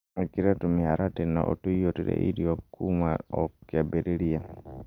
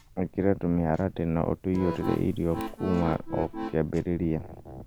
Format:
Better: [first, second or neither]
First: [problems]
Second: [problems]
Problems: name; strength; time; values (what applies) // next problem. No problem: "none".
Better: first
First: none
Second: background sound (Accordion + Tick-tock); 10 dB below the speech